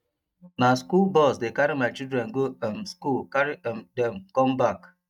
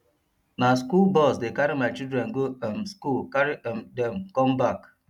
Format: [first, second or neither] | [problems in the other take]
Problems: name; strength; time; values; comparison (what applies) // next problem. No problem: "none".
second | noise reduction (neural mask model DeepFilterNet 3)